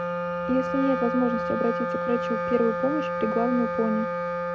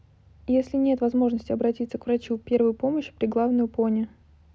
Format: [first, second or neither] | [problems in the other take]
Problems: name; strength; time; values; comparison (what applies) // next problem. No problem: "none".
second | background sound (Wind instrument, woodwind instrument); 1 dB below the speech